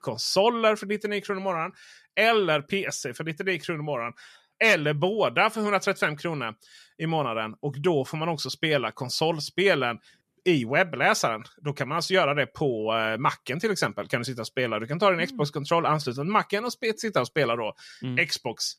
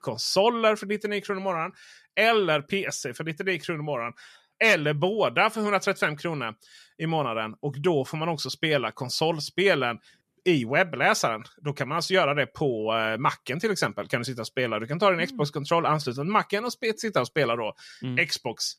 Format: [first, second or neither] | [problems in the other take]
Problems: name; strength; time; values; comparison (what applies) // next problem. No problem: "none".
neither | none